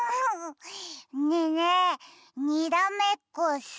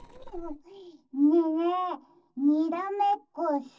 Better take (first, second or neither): first